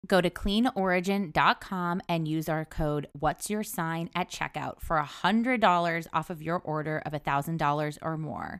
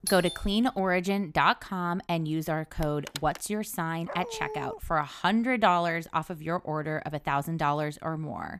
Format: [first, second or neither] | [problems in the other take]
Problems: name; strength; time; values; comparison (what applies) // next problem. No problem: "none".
first | doorbell; noticeable; at the start; peak 4 dB below the speech // phone ringing; faint; at 3 s; peak 10 dB below the speech // dog barking; noticeable; at 4 s; peak 9 dB below the speech